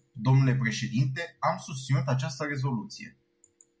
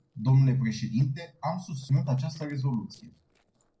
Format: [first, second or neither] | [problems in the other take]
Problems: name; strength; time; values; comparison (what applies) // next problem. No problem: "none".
first | noise reduction (neural separator model SepFormer DNS4)